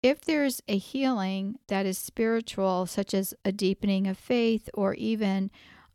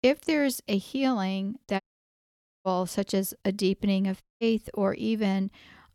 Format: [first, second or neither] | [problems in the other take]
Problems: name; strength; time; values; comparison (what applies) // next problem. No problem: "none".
first | audio cutting out; at 2 s for 1 s and at 4 s